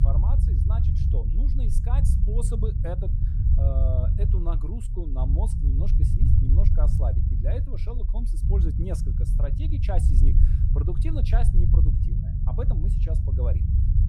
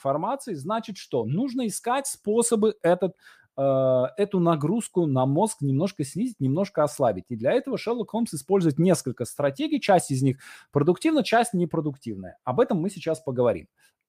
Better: second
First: low rumble; loud; throughout; 1 dB below the speech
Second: none

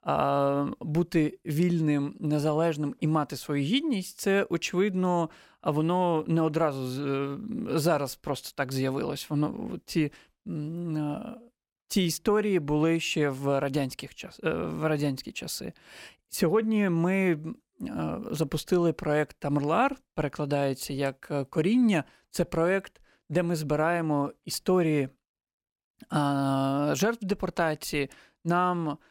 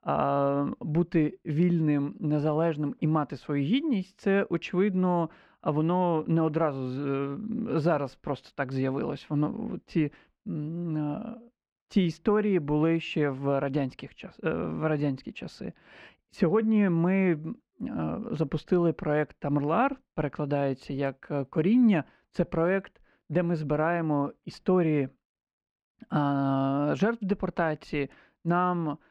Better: first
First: none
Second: muffled; slightly; fading above 2.5 kHz

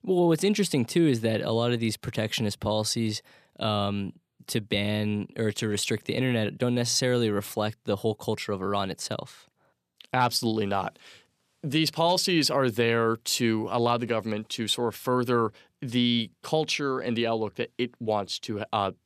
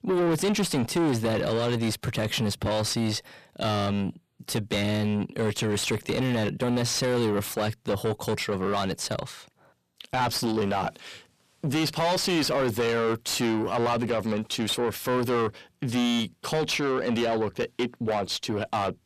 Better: first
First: none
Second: distortion; heavy; 7 dB below the speech

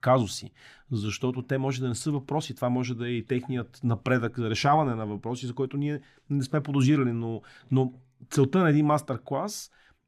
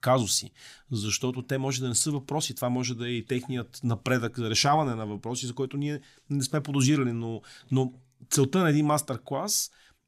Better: second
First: muffled; slightly; fading above 3.5 kHz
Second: none

